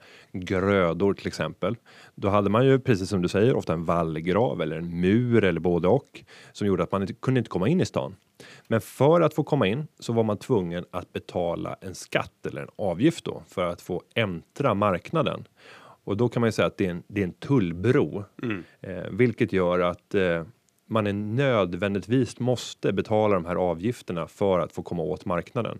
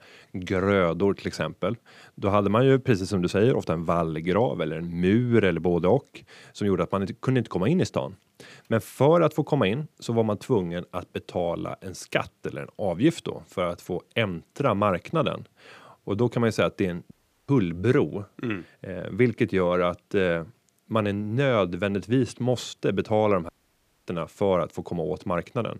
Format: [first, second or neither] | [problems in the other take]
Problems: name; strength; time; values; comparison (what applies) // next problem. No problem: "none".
first | audio cutting out; at 17 s and at 23 s for 0.5 s